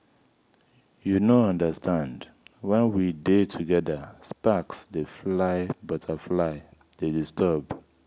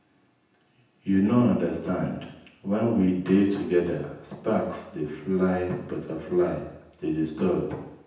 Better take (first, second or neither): first